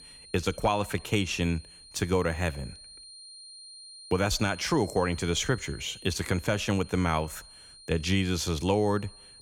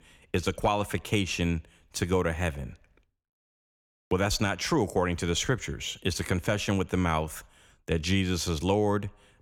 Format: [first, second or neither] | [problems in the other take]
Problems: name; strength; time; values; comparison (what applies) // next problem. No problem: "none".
second | high-pitched whine; noticeable; throughout; 4 kHz, 20 dB below the speech